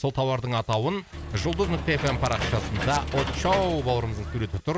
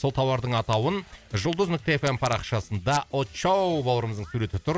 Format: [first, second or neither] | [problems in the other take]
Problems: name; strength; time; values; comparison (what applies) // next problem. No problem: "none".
second | background sound (Engine / Mechanisms); 5 dB below the speech